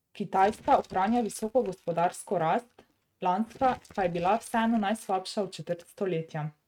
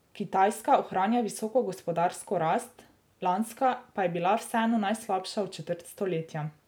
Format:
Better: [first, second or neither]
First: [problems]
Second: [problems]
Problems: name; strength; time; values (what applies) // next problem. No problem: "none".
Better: second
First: noise reduction (neural mask model RNNoise)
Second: none